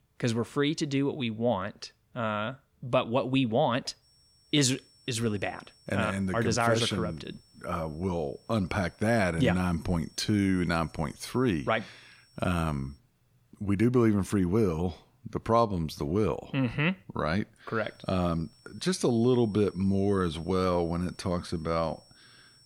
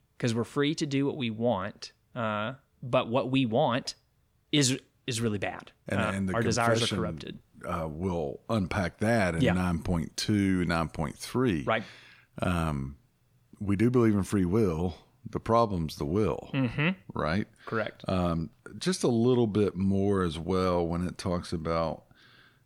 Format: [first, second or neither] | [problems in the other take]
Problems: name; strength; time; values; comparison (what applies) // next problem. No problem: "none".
second | high-pitched whine; faint; from 4 to 13 s and from 18 s on; 5.5 kHz, 30 dB below the speech